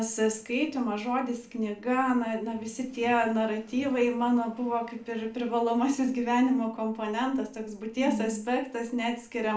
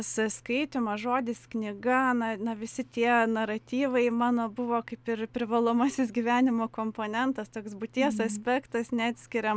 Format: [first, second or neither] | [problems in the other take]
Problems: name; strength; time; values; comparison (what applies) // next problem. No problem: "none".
second | noise reduction (neural separator model SepFormer DNS4)